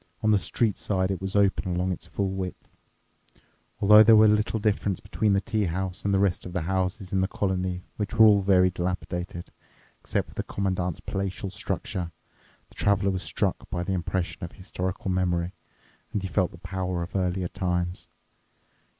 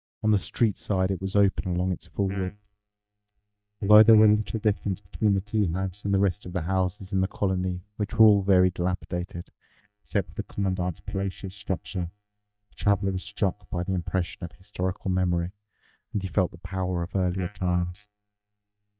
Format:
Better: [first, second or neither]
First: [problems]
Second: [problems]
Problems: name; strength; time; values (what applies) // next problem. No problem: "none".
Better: first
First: none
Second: noise reduction (neural mask model DeepFilterNet 3)